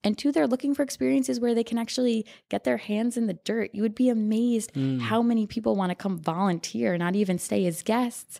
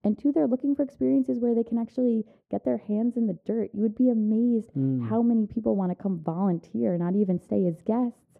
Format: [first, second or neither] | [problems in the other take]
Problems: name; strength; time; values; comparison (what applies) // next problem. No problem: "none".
first | muffled; very; fading above 1.5 kHz